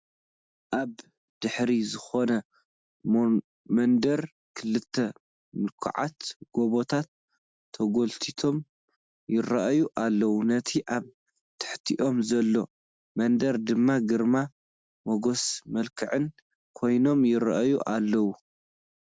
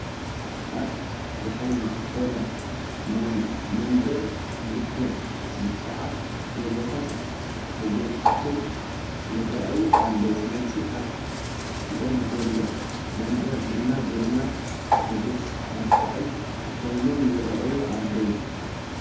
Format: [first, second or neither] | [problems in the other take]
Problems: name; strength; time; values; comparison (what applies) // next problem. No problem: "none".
first | background sound (Bird); as loud as the speech // room echo; dies away in 1.9 s